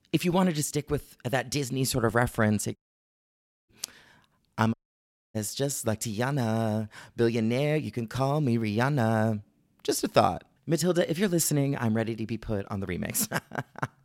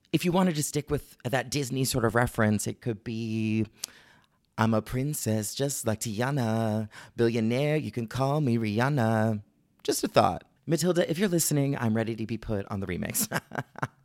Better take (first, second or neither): second